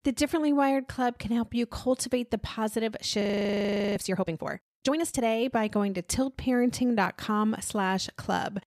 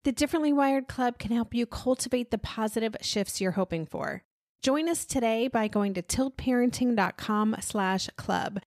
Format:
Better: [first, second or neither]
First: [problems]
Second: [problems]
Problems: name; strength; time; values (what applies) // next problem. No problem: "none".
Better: second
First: audio freezing; at 3 s for 0.5 s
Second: none